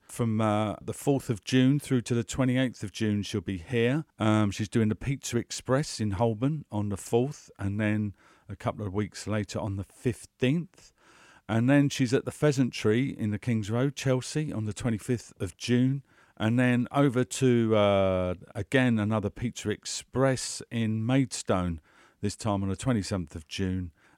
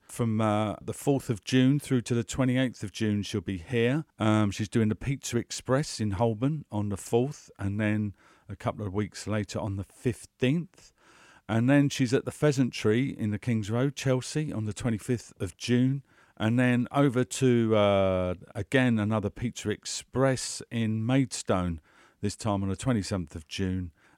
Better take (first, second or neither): neither